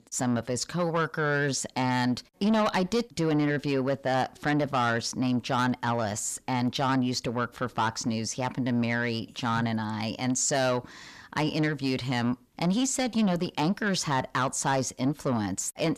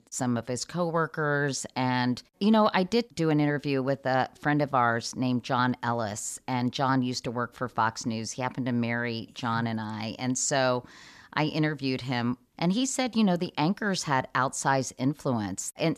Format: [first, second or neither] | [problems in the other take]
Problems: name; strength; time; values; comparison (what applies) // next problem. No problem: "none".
second | distortion; slight; 10 dB below the speech